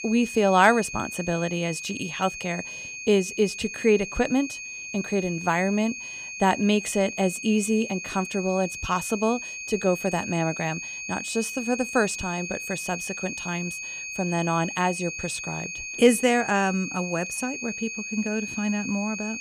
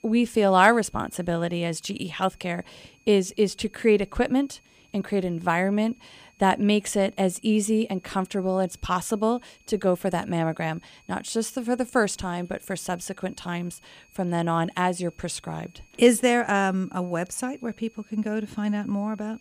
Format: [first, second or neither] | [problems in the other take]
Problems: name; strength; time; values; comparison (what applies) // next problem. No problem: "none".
second | high-pitched whine; loud; throughout; 2.5 kHz, 7 dB below the speech; faint in the second